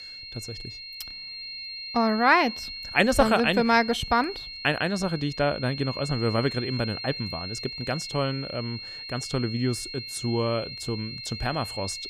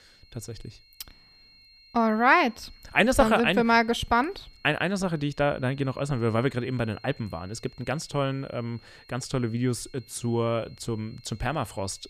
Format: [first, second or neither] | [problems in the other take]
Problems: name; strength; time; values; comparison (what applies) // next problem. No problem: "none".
second | high-pitched whine; loud; throughout; 4 kHz, 9 dB below the speech; faint in the second